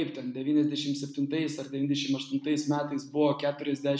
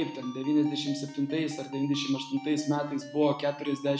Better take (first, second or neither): first